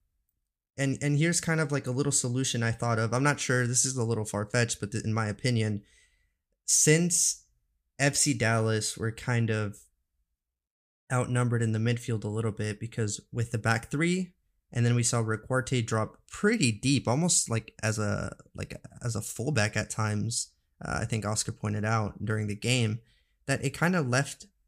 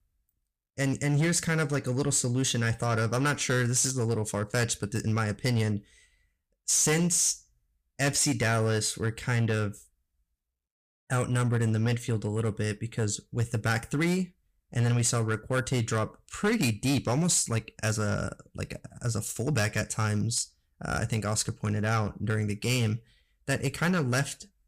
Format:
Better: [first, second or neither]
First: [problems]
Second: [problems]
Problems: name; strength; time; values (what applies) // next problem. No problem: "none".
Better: first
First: none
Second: distortion; slight; 7% of the sound clipped